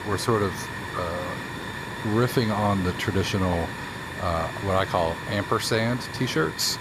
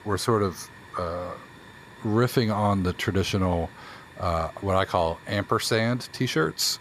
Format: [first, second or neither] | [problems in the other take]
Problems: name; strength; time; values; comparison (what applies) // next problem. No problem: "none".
second | hiss; loud; throughout; 7 dB below the speech; faint in the second